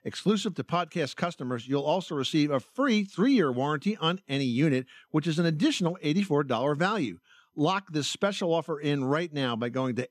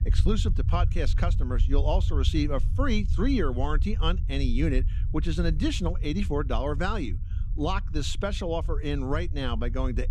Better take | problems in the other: first | low rumble; noticeable; throughout; 15 dB below the speech

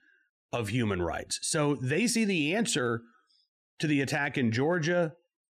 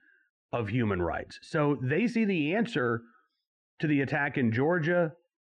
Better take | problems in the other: first | muffled; very; fading above 2 kHz

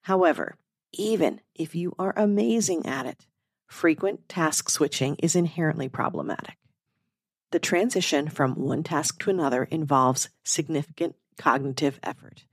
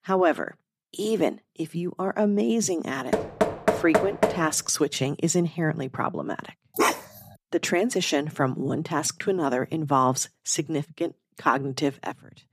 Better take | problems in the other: first | door banging; loud; from 3 to 4.5 s; peak 2 dB above the speech // dog barking; loud; at 7 s; peak 2 dB above the speech

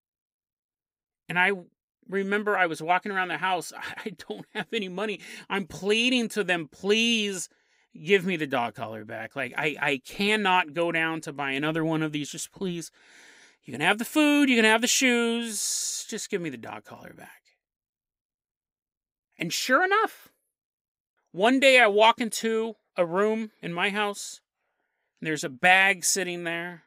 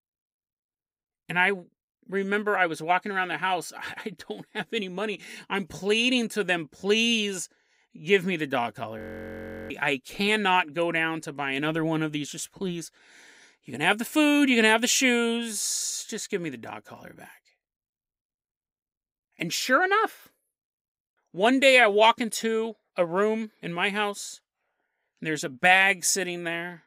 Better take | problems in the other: first | audio freezing; at 9 s for 0.5 s

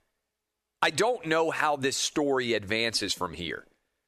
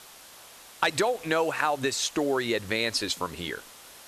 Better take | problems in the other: first | hiss; noticeable; throughout; 20 dB below the speech

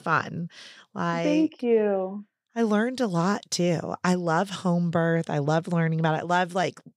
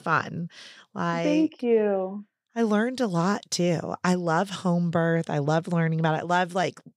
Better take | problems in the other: neither | none

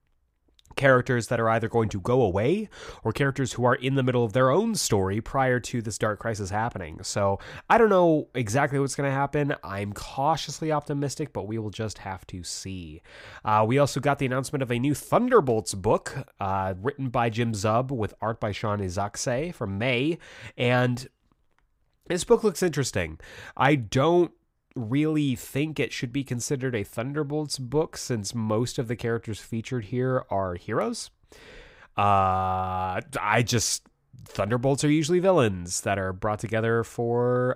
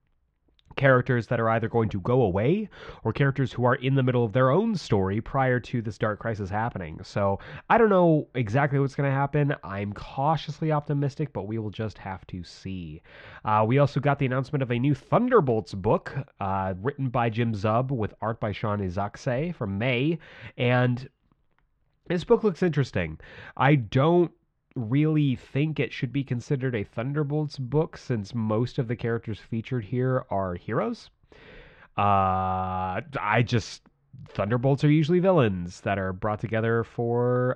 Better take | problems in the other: first | muffled; slightly; fading above 3.5 kHz

